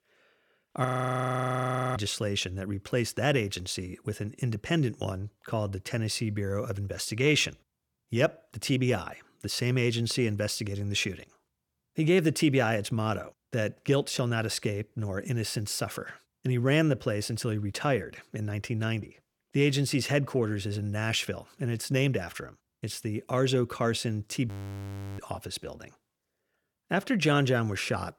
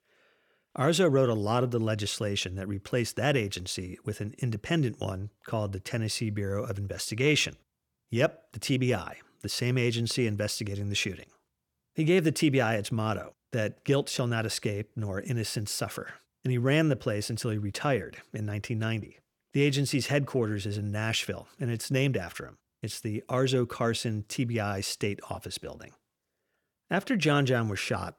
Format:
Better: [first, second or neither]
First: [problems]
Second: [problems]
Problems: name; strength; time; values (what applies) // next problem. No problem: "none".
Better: second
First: audio freezing; at 1 s for 1 s and at 24 s for 0.5 s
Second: none